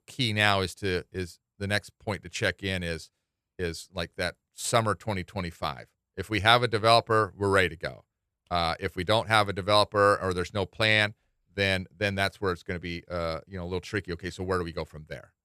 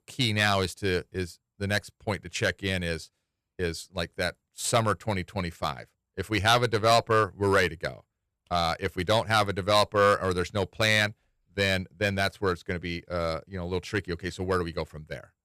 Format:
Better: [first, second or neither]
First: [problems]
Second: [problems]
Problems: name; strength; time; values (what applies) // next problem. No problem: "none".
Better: first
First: none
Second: distortion; slight; 1.6% of the sound clipped